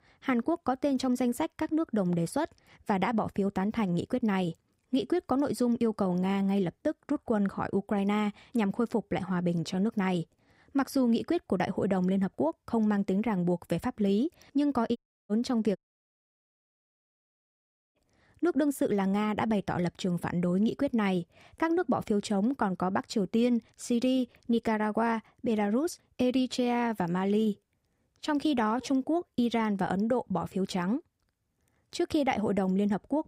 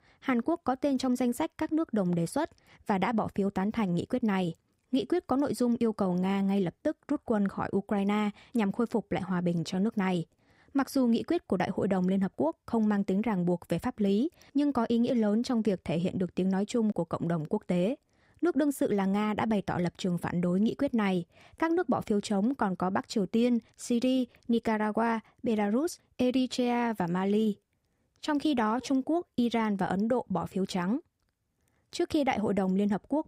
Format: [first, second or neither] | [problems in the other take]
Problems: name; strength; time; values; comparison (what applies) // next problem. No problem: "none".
second | audio cutting out; at 15 s and at 16 s for 2 s